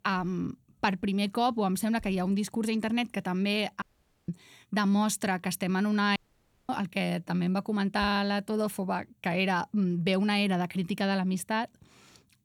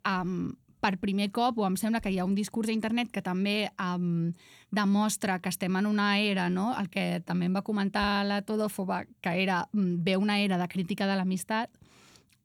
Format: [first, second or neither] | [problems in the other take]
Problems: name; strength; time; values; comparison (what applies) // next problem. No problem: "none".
second | audio cutting out; at 4 s and at 6 s for 0.5 s